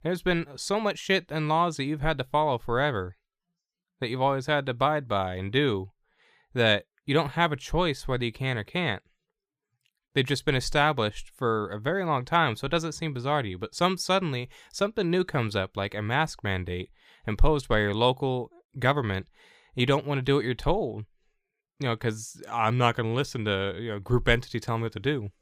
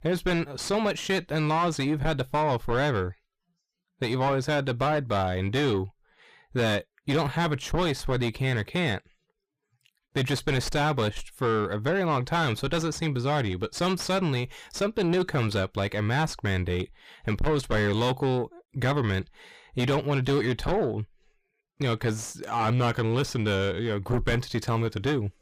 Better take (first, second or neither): first